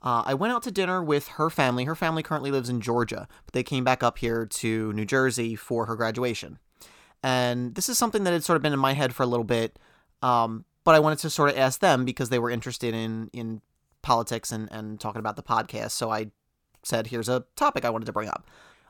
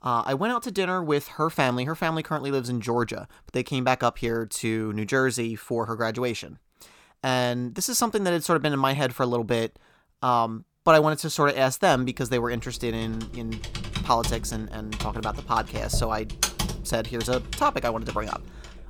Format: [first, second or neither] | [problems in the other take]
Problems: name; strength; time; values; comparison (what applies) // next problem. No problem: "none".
first | keyboard typing; loud; from 13 s on; peak level with the speech